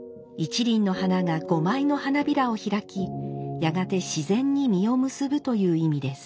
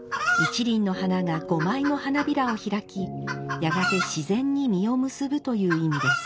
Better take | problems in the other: first | background sound (Chicken, rooster); 6 dB below the speech

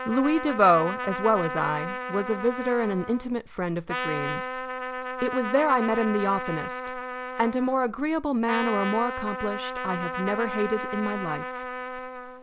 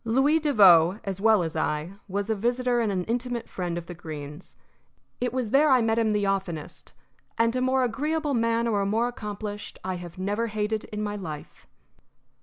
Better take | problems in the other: second | background sound (Trumpet); 6 dB below the speech

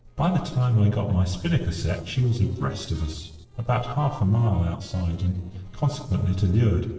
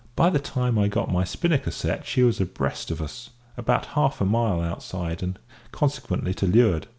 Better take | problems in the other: second | noise reduction (neural separator model SepFormer DNS4)

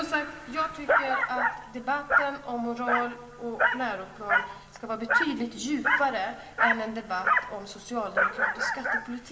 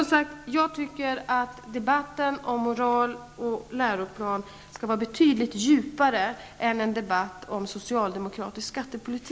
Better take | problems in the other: second | background sound (Dog); 3 dB above the speech // room echo; dies away in 1.8 s

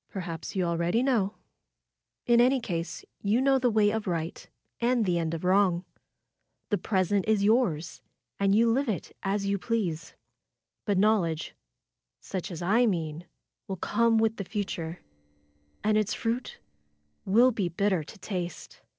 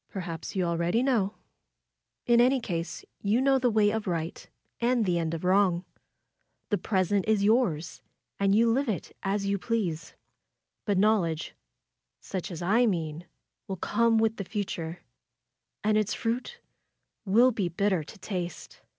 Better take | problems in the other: second | noise reduction (neural separator model SepFormer DNS4)

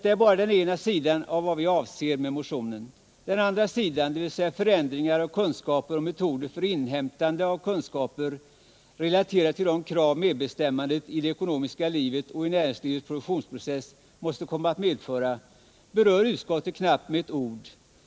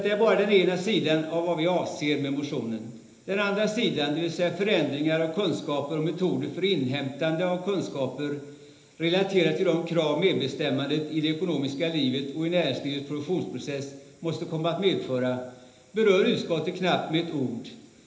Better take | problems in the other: first | room echo; dies away in 1 s

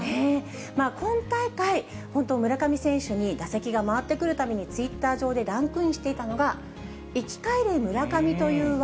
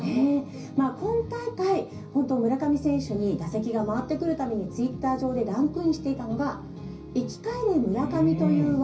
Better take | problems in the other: first | room echo; dies away in 0.5 s

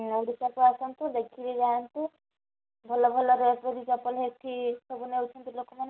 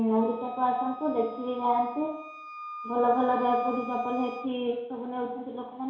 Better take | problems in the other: first | background sound (Wind instrument, woodwind instrument); 14 dB below the speech // room echo; dies away in 0.7 s

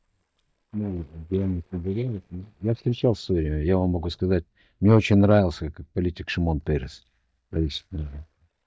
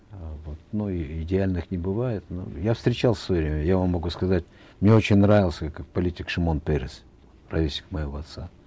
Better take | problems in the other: second | noise reduction (neural mask model DeepFilterNet 3)

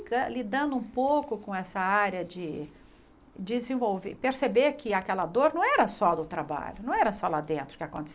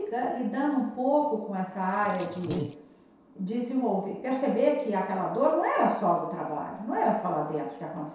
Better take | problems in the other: first | background sound (Liquid); 9 dB below the speech // room echo; dies away in 0.7 s

